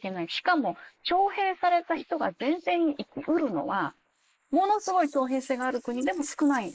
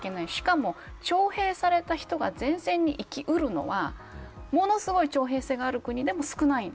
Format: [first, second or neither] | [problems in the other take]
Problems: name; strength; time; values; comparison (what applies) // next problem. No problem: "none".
second | noise reduction (neural mask model Resemble Enhance denoiser)